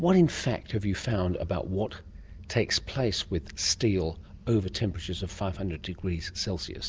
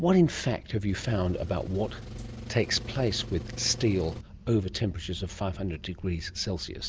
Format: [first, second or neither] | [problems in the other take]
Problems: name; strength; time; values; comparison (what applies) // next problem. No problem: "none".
first | background sound (Engine); 12 dB below the speech